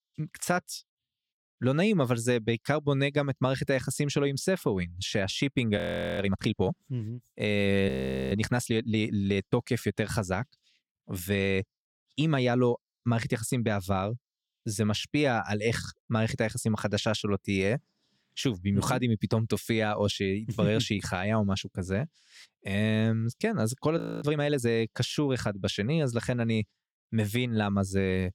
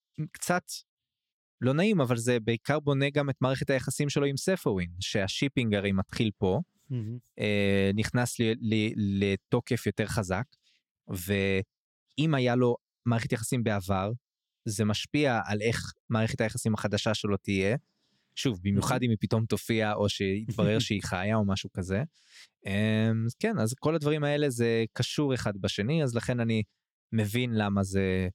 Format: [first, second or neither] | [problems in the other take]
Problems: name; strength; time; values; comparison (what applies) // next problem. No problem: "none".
second | audio freezing; at 6 s, at 8 s and at 24 s